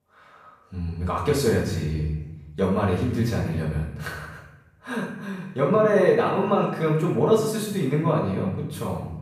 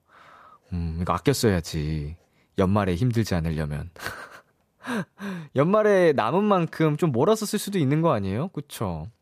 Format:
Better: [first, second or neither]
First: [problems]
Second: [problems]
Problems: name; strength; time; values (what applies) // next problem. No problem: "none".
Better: second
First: room echo; noticeable; dies away in 0.9 s // off-mic speech; far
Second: none